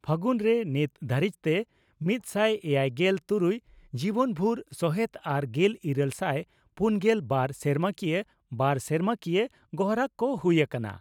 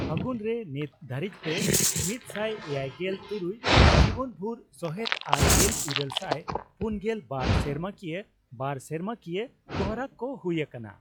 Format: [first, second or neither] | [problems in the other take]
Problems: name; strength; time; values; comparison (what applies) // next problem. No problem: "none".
first | noise reduction (classical method log-MMSE)